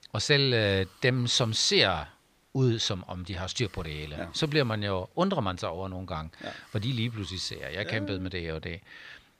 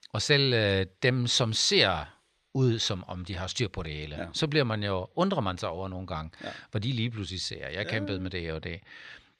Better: second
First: hiss; faint; throughout; 30 dB below the speech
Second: none

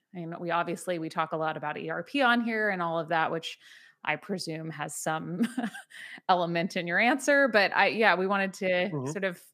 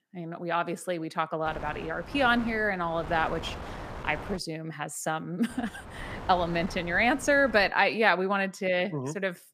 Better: first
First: none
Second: wind noise on the microphone; occasional gusts; from 1.5 to 4.5 s and from 5.5 to 7.5 s; 15 dB below the speech

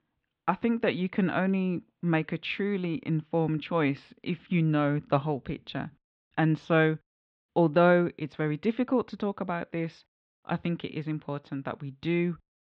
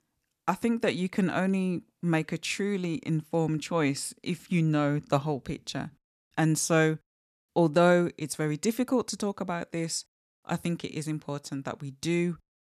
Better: second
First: muffled; very; fading above 3.5 kHz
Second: none

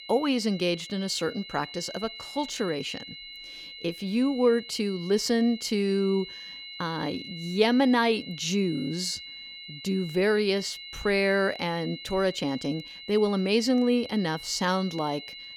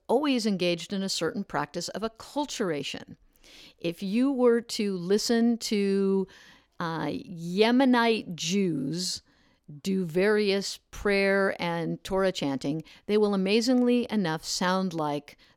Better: second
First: high-pitched whine; noticeable; throughout; 4 kHz, 15 dB below the speech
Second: none

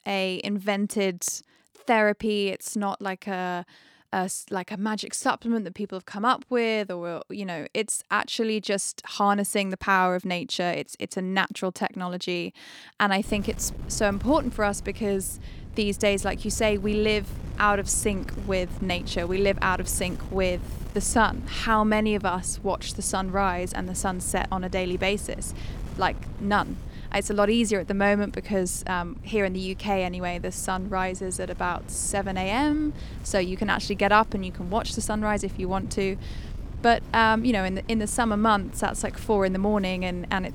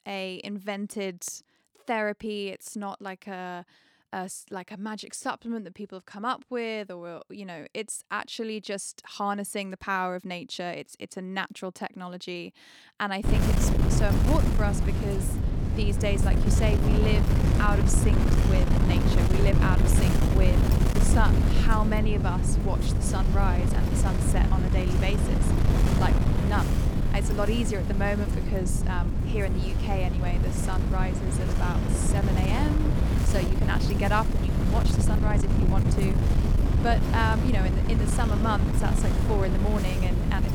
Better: first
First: wind noise on the microphone; occasional gusts; from 13 s on; 20 dB below the speech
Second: wind noise on the microphone; heavy; from 13 s on; 2 dB below the speech

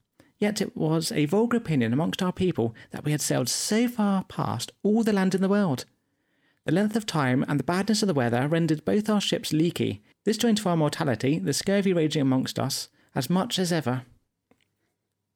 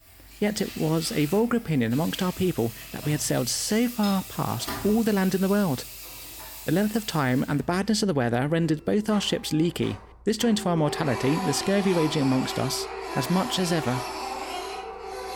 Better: first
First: none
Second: household noises; loud; throughout; 10 dB below the speech

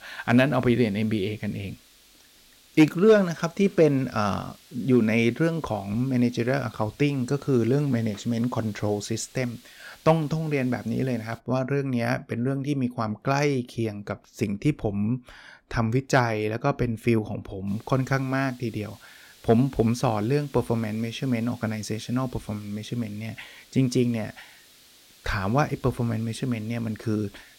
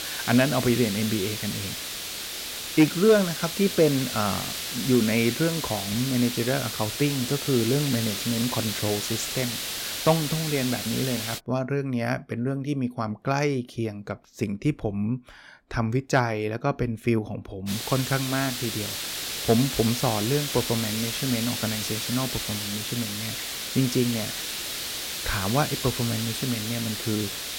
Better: first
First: hiss; faint; until 11 s and from 18 s on; 25 dB below the speech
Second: hiss; loud; until 11 s and from 18 s on; 3 dB below the speech

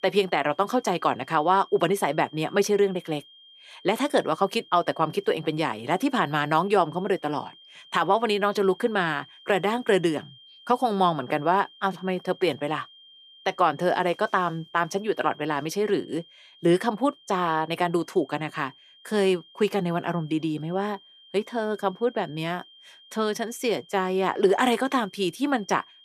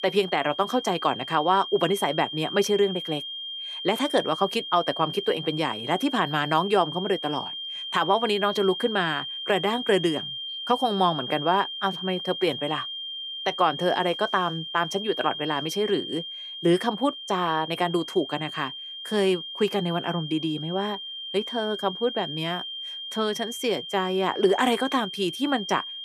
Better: first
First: high-pitched whine; faint; throughout; 3 kHz, 25 dB below the speech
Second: high-pitched whine; loud; throughout; 3 kHz, 7 dB below the speech

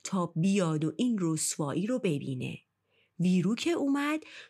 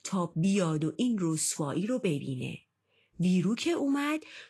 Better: first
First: none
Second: garbled, watery; slightly; nothing above 12 kHz

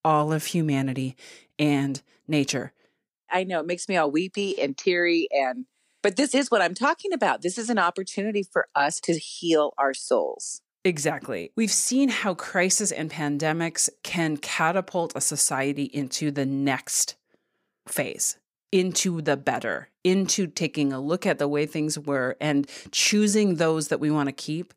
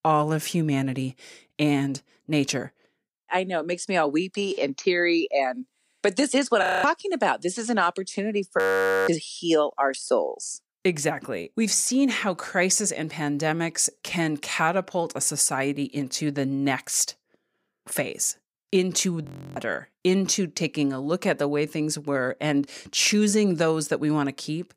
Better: first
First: none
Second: audio freezing; at 6.5 s, at 8.5 s and at 19 s

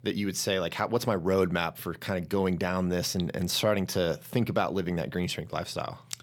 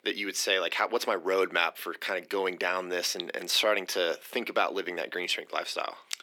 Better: first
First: none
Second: thin; very; fading below 300 Hz

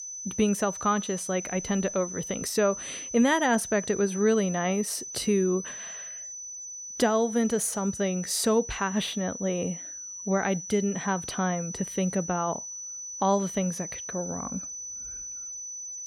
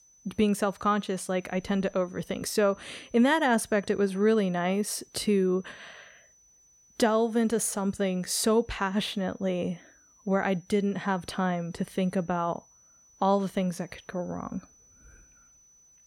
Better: second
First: high-pitched whine; loud; throughout; 6 kHz, 8 dB below the speech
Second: high-pitched whine; faint; throughout; 6 kHz, 30 dB below the speech

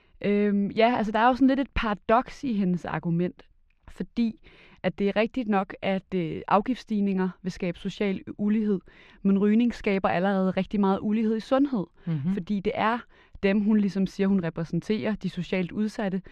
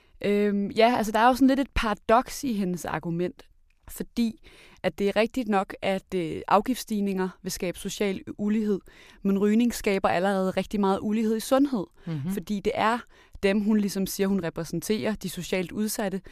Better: second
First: muffled; slightly; fading above 3 kHz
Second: none

